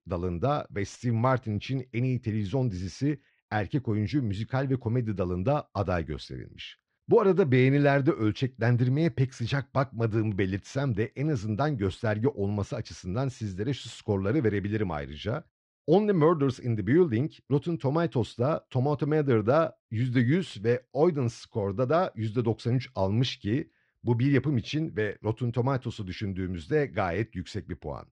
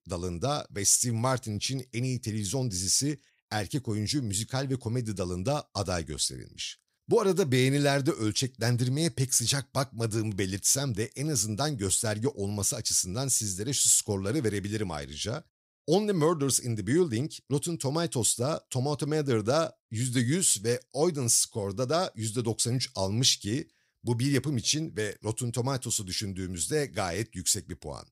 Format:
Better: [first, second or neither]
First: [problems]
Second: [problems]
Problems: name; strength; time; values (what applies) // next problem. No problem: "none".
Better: second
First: muffled; very; fading above 2.5 kHz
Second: none